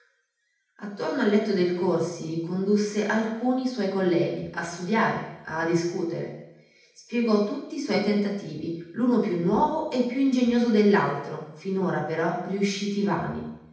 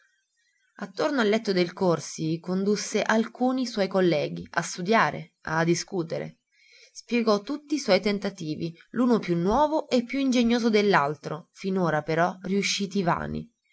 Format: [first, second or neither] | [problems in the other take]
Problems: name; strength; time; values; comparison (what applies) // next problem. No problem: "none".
second | room echo; dies away in 0.8 s